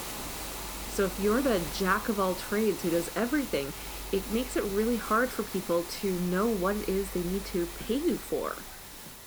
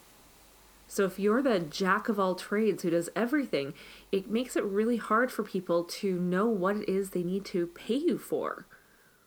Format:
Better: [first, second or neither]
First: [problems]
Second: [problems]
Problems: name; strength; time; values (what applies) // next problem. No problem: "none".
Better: second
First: hiss; loud; throughout; 8 dB below the speech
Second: hiss; faint; throughout; 30 dB below the speech